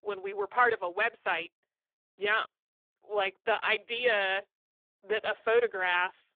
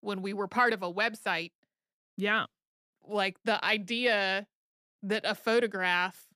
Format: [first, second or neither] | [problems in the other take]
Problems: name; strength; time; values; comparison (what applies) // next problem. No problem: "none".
second | phone-call audio; poor line